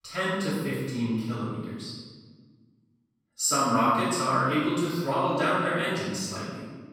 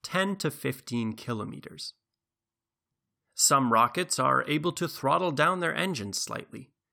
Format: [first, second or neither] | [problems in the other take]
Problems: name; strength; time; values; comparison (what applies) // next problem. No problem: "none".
second | off-mic speech; far // room echo; strong; dies away in 1.3 s